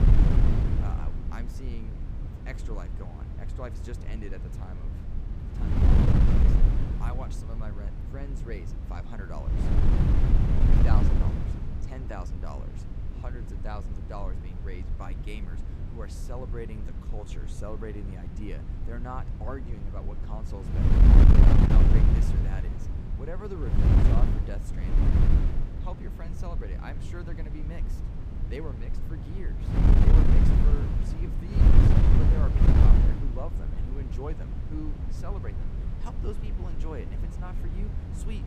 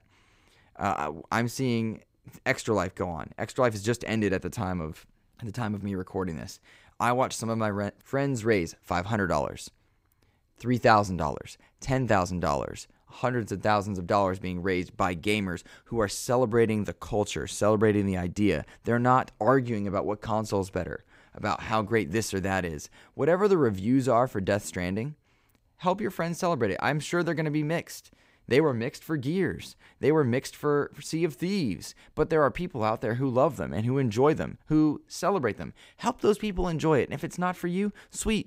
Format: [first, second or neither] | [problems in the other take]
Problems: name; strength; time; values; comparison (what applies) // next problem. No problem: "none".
second | wind noise on the microphone; heavy; 5 dB above the speech